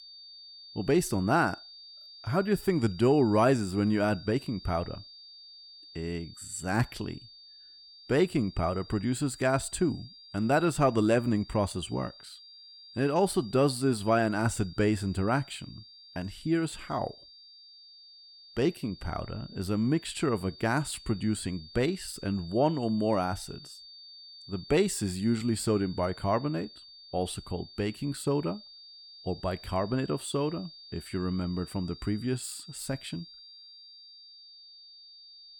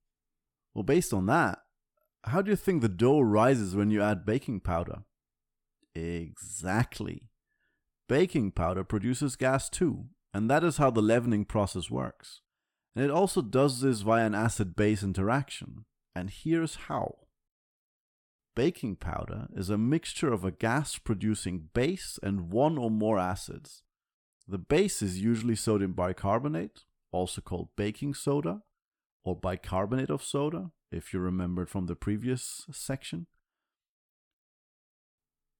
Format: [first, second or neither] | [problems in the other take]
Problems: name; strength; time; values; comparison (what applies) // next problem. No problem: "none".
second | high-pitched whine; noticeable; throughout; 4.5 kHz, 20 dB below the speech